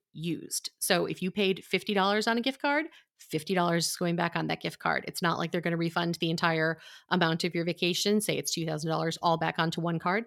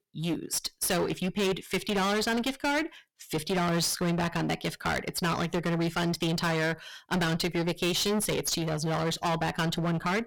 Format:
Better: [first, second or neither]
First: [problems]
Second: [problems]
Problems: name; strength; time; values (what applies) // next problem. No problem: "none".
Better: first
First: none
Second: distortion; heavy; 21% of the sound clipped